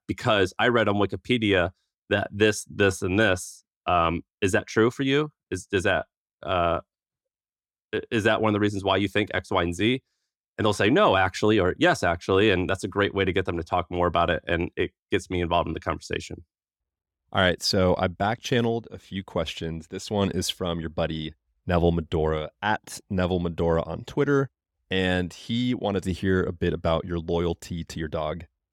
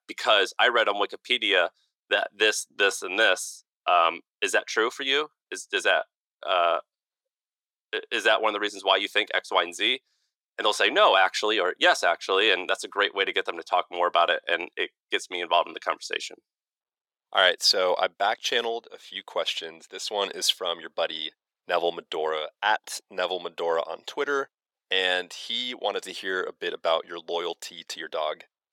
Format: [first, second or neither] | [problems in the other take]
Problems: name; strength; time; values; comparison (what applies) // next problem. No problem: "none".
first | thin; very; fading below 500 Hz